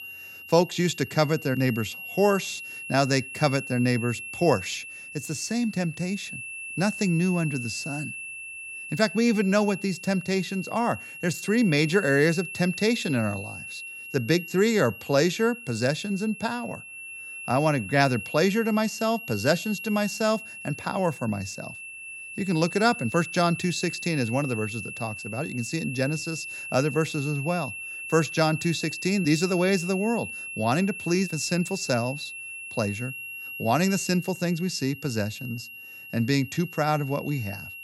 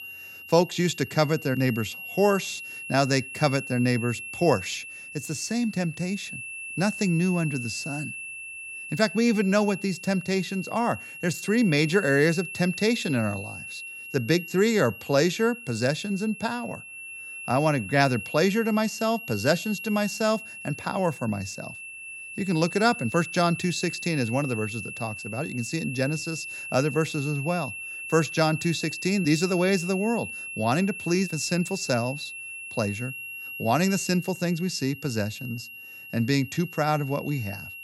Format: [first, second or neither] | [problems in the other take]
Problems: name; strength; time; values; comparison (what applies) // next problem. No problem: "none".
neither | high-pitched whine; loud; throughout; 2.5 kHz, 10 dB below the speech; the same in both